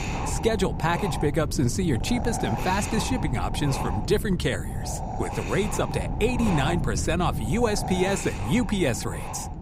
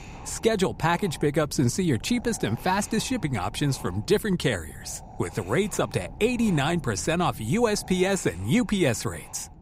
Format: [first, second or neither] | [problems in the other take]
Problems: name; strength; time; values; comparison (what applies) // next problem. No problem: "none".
second | wind noise on the microphone; heavy; 6 dB below the speech; occasional gusts in the second